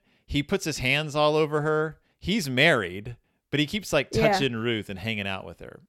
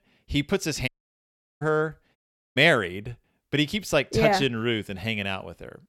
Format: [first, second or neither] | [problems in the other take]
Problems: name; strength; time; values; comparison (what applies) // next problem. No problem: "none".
first | audio cutting out; at 1 s for 0.5 s and at 2 s